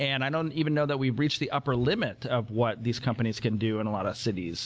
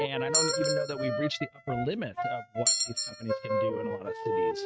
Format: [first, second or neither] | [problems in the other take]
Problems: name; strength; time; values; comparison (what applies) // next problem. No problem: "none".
first | noise reduction (neural mask model RNNoise)